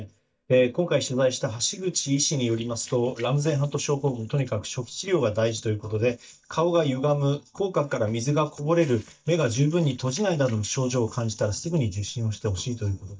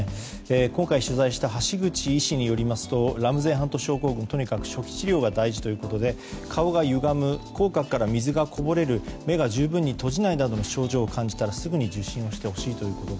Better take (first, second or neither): second